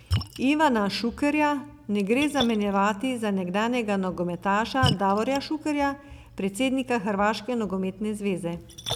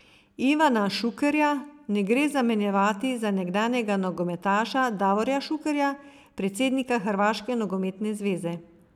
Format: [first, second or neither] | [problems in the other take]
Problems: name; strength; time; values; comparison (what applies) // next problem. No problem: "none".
second | background sound (Splash, splatter); 11 dB below the speech